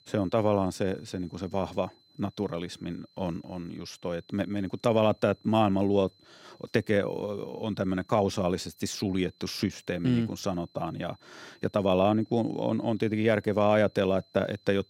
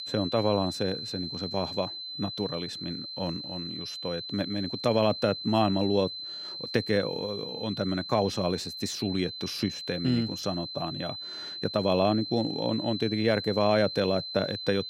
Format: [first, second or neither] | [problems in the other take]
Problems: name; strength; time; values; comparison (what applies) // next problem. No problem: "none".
first | high-pitched whine; loud; throughout; 4 kHz, 6 dB below the speech; faint in the first